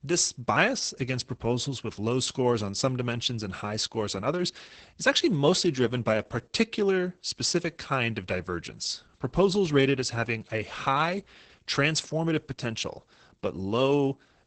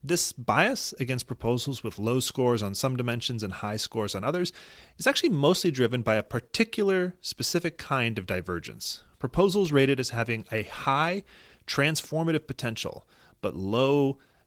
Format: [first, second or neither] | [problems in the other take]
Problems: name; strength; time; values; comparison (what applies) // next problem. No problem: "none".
second | garbled, watery; badly; nothing above 8 kHz; slightly in the second